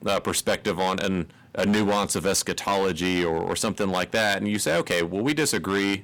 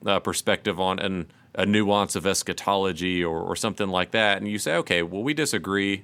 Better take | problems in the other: second | distortion; heavy; 10% of the sound clipped

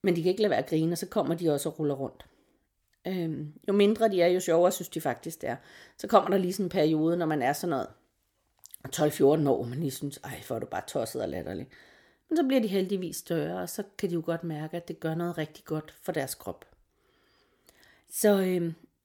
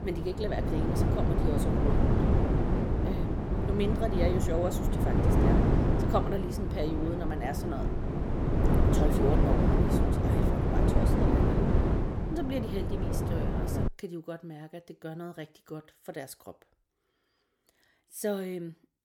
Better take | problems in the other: first | wind noise on the microphone; heavy; until 14 s; 3 dB above the speech

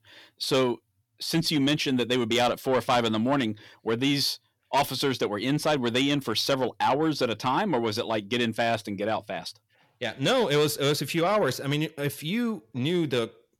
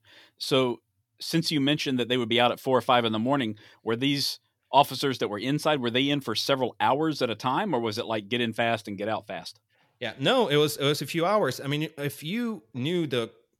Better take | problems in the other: second | distortion; slight; 10 dB below the speech

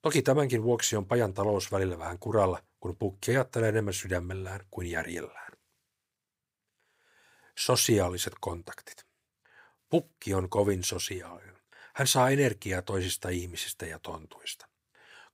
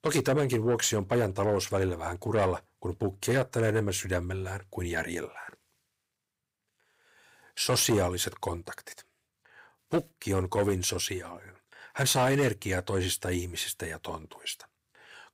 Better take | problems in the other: first | distortion; slight; 10 dB below the speech

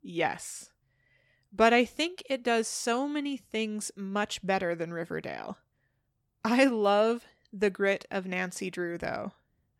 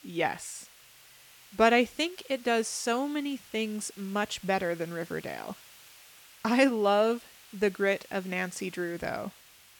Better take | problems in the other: first | hiss; faint; throughout; 20 dB below the speech

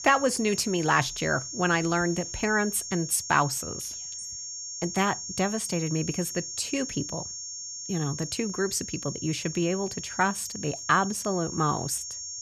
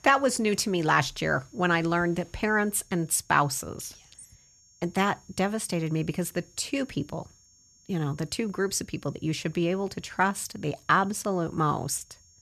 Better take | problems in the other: second | high-pitched whine; loud; throughout; 6.5 kHz, 7 dB below the speech; faint in the second

